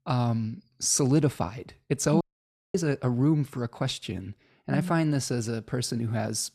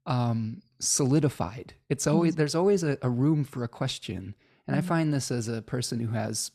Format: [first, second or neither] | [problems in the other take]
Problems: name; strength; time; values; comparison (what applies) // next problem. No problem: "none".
second | audio cutting out; at 2 s for 0.5 s